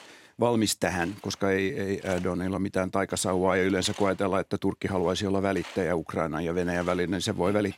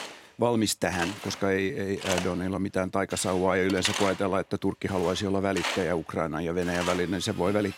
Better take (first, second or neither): first